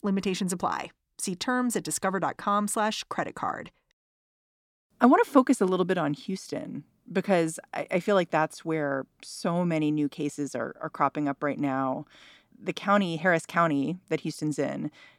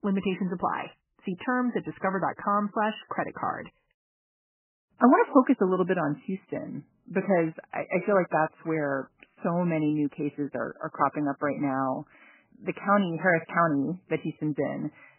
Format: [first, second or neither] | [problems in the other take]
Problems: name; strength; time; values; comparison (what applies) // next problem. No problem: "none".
first | garbled, watery; badly; nothing above 3 kHz